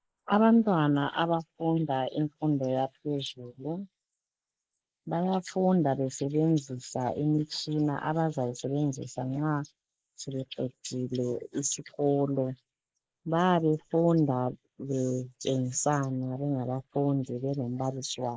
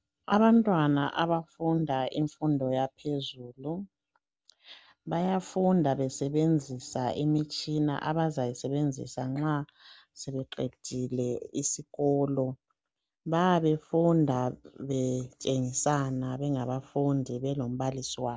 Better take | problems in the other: second | noise reduction (neural mask model Resemble Enhance denoiser)

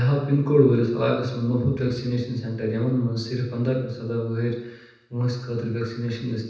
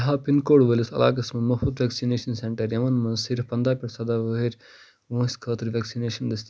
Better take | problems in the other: second | room echo; dies away in 0.9 s

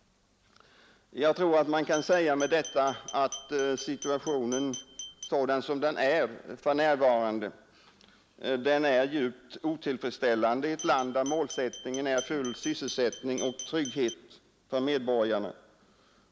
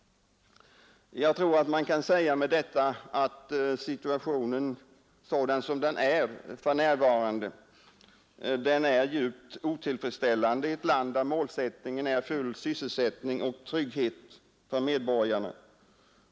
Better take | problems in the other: second | background sound (Glass); 14 dB below the speech

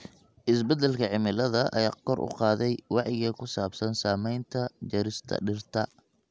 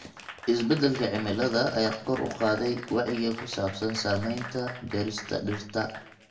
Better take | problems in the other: first | background sound (Applause / Crowd); 15 dB below the speech // room echo; dies away in 0.6 s

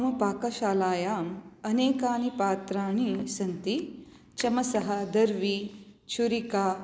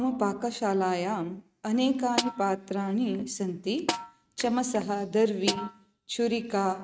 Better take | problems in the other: first | noise reduction (neural mask model RNNoise)

